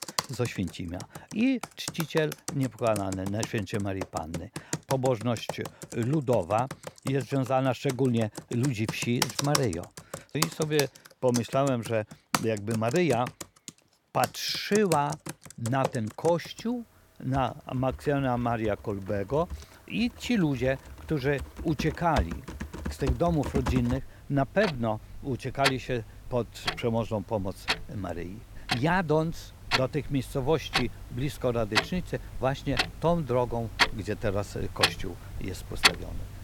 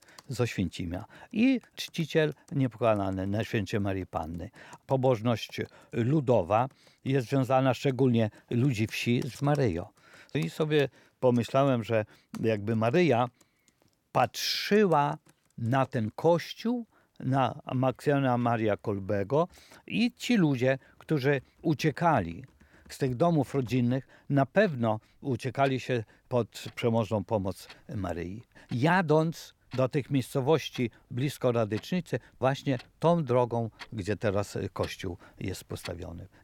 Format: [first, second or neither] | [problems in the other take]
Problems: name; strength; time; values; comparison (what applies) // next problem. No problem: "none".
second | household noises; loud; throughout; 4 dB below the speech; faint in the second